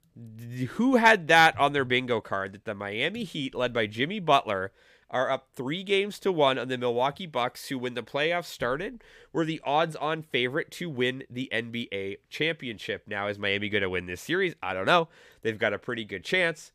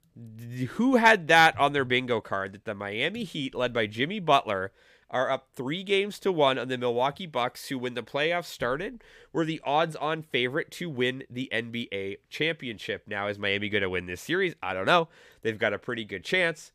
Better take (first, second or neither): neither